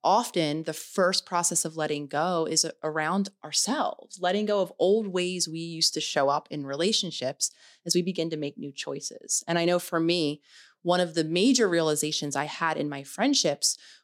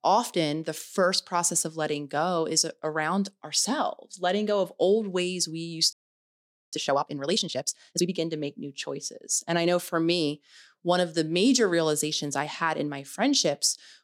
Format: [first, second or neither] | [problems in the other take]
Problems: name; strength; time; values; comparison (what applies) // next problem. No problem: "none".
first | audio freezing; at 6 s for 1 s